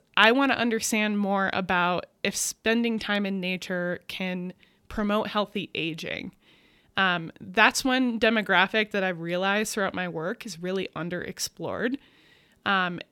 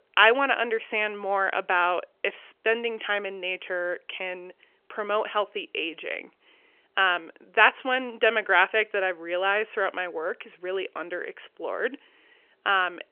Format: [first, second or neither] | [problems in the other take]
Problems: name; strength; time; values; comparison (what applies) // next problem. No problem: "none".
first | phone-call audio; nothing above 3 kHz